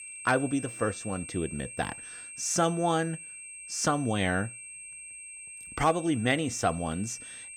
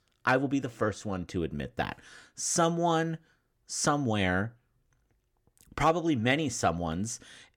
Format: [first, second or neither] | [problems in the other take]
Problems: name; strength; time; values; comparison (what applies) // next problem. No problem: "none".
second | high-pitched whine; noticeable; throughout; 8.5 kHz, 10 dB below the speech